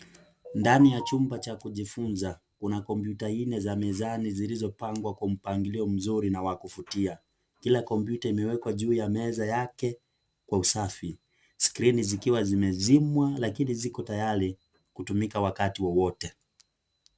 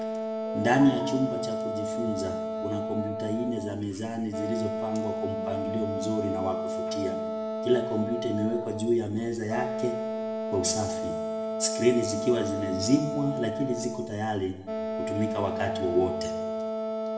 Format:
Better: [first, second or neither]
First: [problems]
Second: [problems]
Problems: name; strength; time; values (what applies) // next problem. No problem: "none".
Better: first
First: none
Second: background sound (Wind instrument, woodwind instrument); 2 dB below the speech // room echo; dies away in 0.8 s